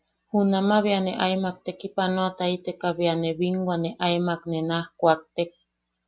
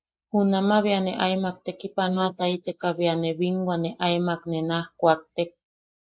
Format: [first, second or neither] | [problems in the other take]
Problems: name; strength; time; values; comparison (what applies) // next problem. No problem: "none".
first | noise reduction (neural mask model Resemble Enhance denoiser)